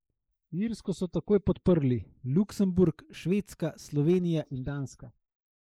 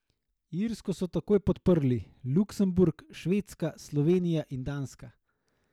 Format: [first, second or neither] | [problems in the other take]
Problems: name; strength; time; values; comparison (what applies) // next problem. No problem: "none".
second | noise reduction (neural mask model Resemble Enhance denoiser)